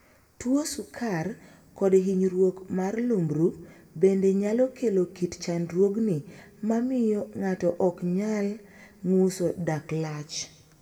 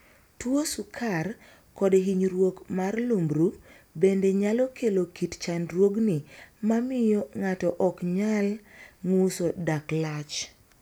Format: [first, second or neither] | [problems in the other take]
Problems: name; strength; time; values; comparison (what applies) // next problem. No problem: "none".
second | room echo; dies away in 1 s